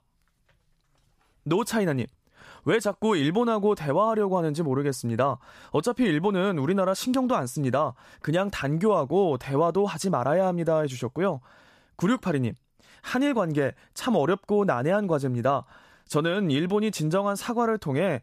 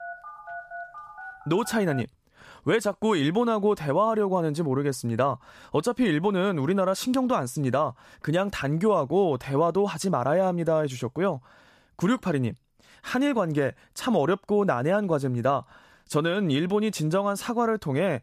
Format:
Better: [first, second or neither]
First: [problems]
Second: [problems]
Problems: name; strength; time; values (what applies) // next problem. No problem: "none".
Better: first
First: none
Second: phone ringing; faint; until 2 s; peak 10 dB below the speech